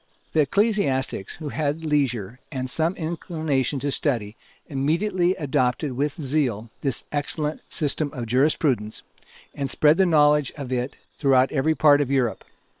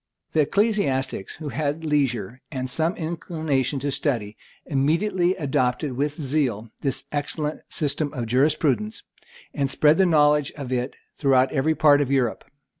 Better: second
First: noise reduction (neural separator model SepFormer WHAM!)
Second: none

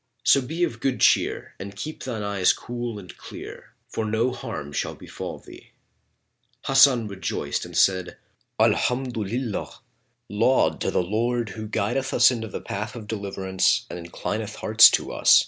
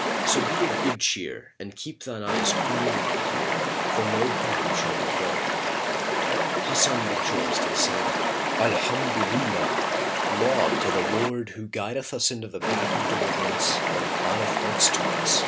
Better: first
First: none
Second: background sound (Stream); 4 dB above the speech

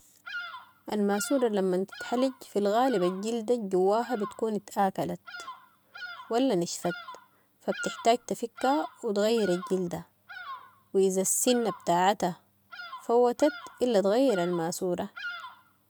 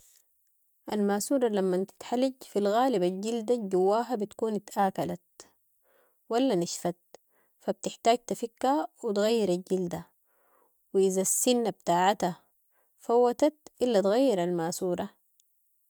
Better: second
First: background sound (Bird vocalization, bird call, bird song); 16 dB below the speech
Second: none

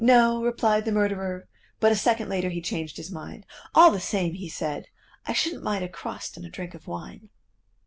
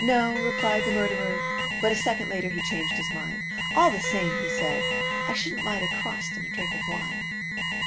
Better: first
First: none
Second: background sound (Wind instrument, woodwind instrument + Alarm); 1 dB above the speech

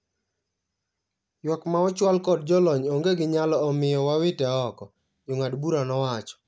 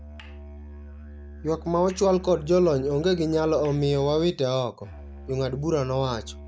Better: first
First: none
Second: background sound (Musical instrument); 16 dB below the speech

